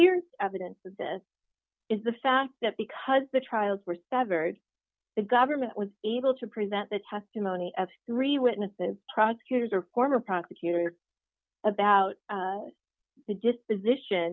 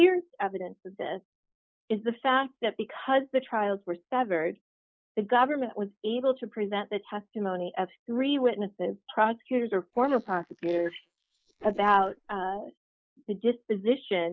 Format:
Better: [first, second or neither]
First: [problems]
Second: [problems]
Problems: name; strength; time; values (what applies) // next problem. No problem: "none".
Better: first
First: none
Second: noise reduction (neural mask model Resemble Enhance denoiser)